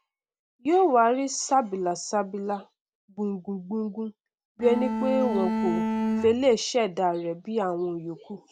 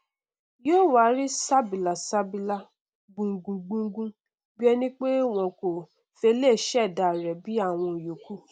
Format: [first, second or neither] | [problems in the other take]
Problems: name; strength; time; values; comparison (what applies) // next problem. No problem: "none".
second | background sound (Bowed string instrument); 1 dB below the speech